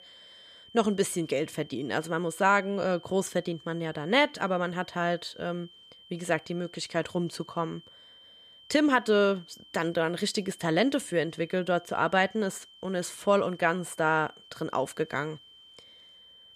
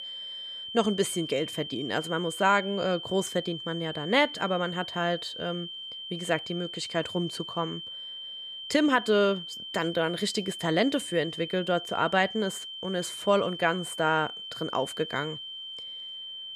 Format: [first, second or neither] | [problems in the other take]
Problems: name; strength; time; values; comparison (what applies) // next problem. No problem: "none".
first | high-pitched whine; loud; throughout; 3 kHz, 8 dB below the speech; faint in the first